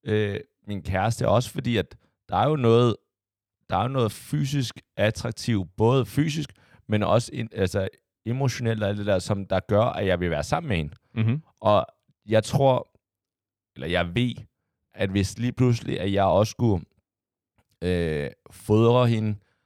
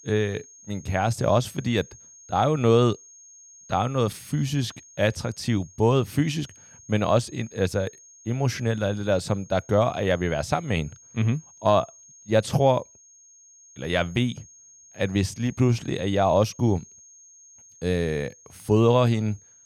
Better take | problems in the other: first | high-pitched whine; faint; throughout; 6.5 kHz, 25 dB below the speech

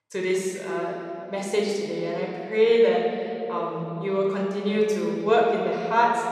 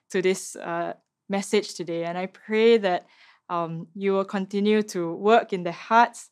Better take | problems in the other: second | off-mic speech; somewhat distant // room echo; noticeable; dies away in 2.6 s

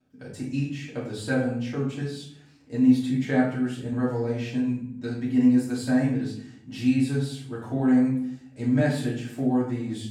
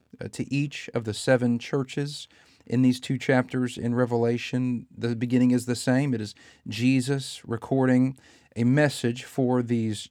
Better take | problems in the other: second | off-mic speech; far // room echo; noticeable; dies away in 0.6 s

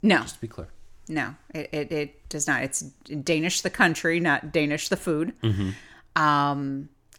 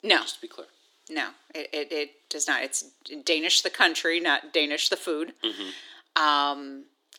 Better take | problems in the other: first | thin; somewhat; fading below 300 Hz

